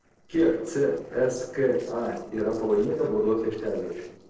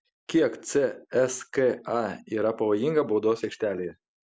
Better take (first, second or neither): second